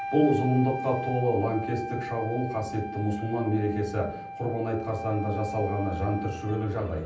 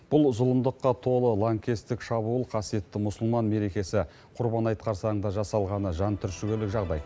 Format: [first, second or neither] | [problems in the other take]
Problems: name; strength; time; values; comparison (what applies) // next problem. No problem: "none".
second | background sound (Wind instrument, woodwind instrument); 8 dB below the speech // room echo; dies away in 0.6 s